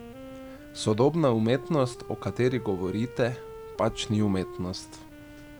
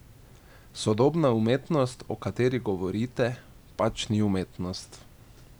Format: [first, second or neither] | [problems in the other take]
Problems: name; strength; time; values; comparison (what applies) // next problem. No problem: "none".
second | background sound (Wind instrument, woodwind instrument); 15 dB below the speech